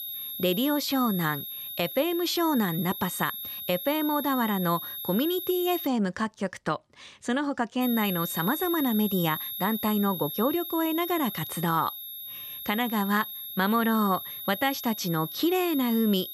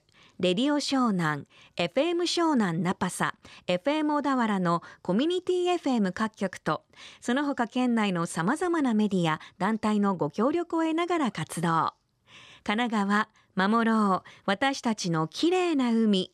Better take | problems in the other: second | high-pitched whine; loud; until 6 s and from 8 s on; 11.5 kHz, 7 dB below the speech

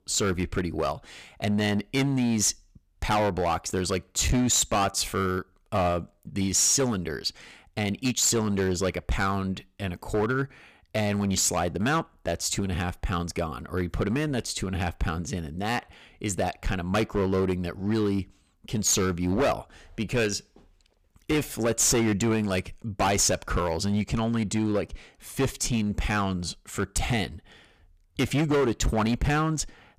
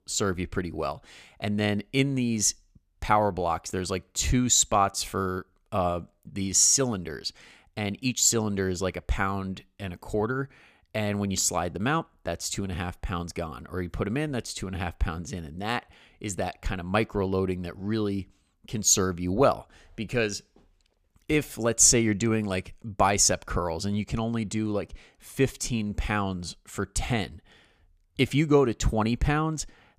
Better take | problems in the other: second | distortion; heavy; 10% of the sound clipped

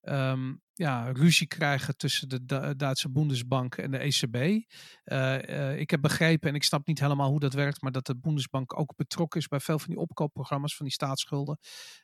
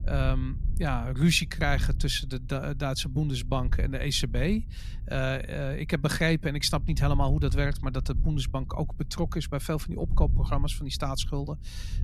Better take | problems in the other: first | low rumble; noticeable; throughout; 20 dB below the speech

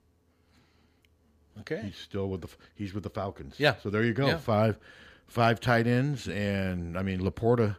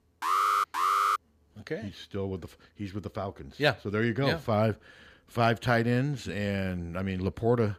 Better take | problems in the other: first | alarm; loud; at the start; peak 5 dB above the speech

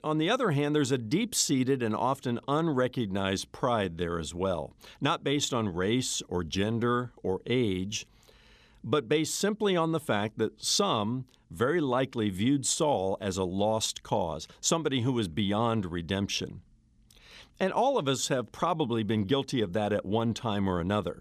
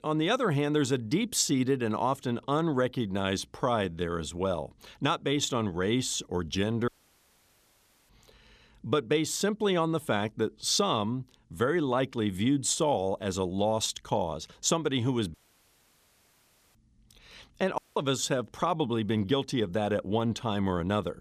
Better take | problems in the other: first | audio cutting out; at 7 s for 1 s, at 15 s for 1.5 s and at 18 s

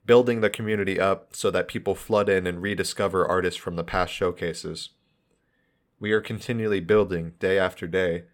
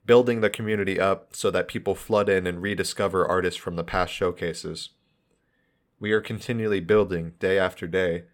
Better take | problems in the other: neither | none

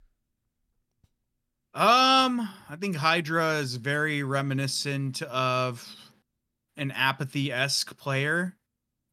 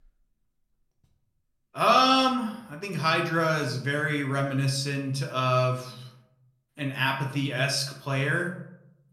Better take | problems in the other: first | room echo; slight; dies away in 0.5 s // off-mic speech; somewhat distant

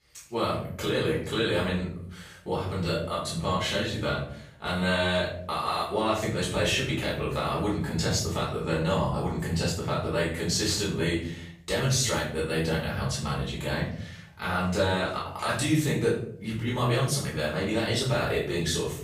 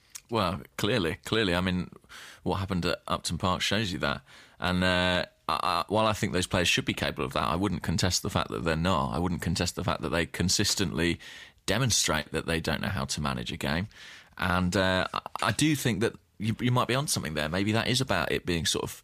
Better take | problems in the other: second | off-mic speech; far // room echo; noticeable; dies away in 0.6 s

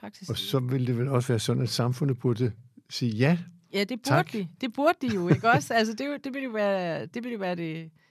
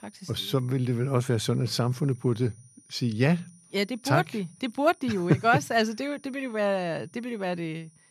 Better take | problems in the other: first | high-pitched whine; faint; throughout; 9.5 kHz, 30 dB below the speech

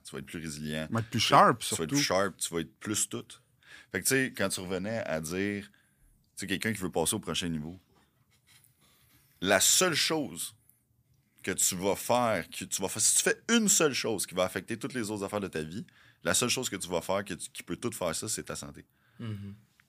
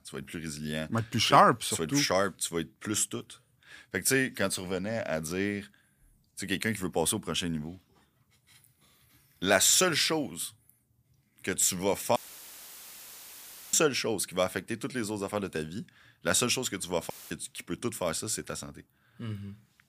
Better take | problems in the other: first | audio cutting out; filled with static; at 12 s for 1.5 s and at 17 s

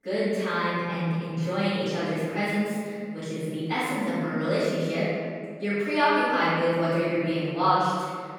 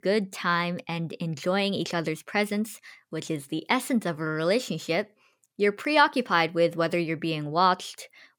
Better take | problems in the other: second | off-mic speech; far // room echo; strong; dies away in 2.1 s

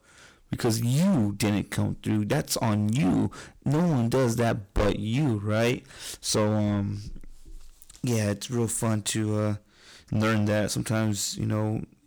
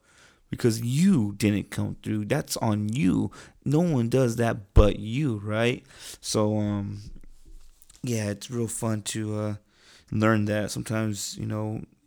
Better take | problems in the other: second | distortion; heavy; 12% of the sound clipped

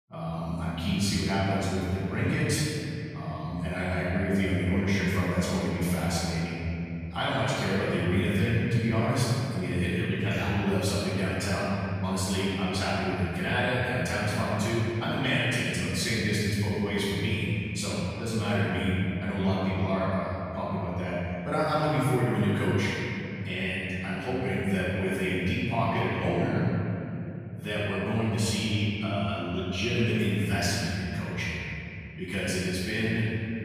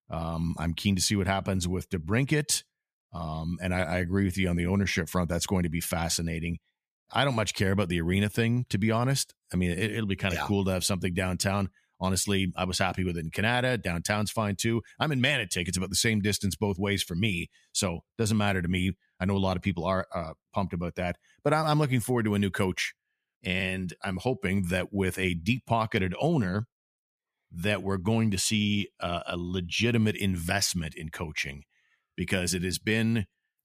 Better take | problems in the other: second | off-mic speech; far // room echo; strong; dies away in 3 s

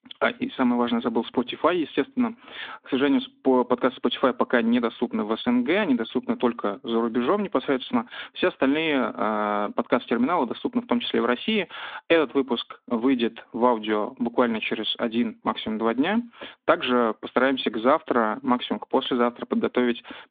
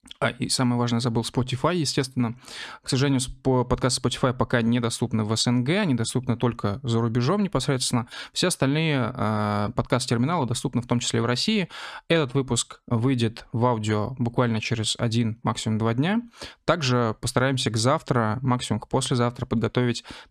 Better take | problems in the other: second | phone-call audio

